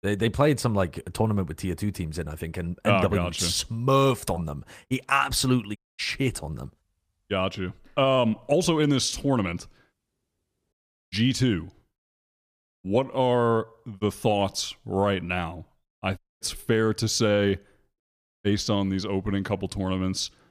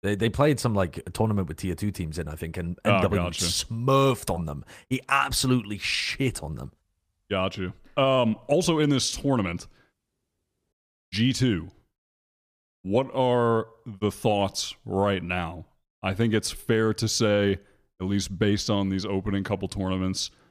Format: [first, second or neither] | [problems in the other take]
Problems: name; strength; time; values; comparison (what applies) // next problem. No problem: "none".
second | audio cutting out; at 6 s, at 16 s and at 18 s